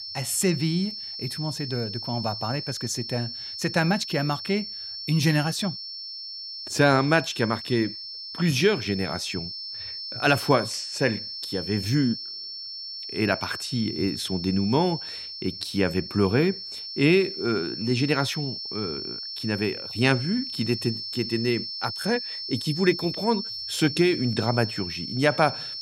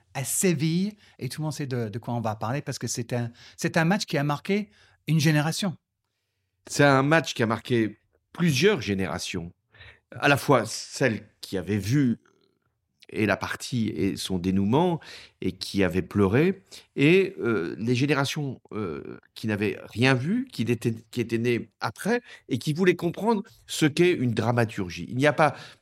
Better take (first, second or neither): second